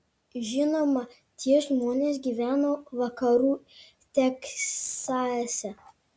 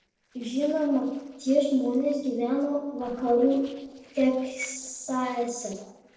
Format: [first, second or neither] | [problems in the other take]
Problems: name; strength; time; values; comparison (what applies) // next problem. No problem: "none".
first | noise reduction (neural separator model SepFormer DNS4)